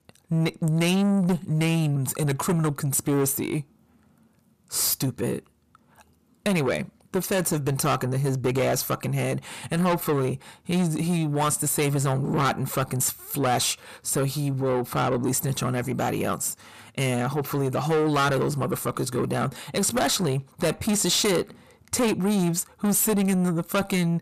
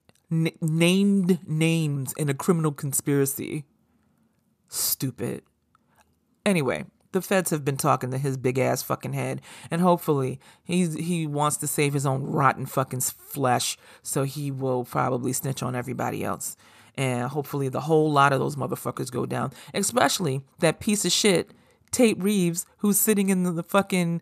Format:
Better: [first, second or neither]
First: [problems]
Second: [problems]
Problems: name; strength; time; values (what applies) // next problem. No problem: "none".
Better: second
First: distortion; heavy; 7 dB below the speech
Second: none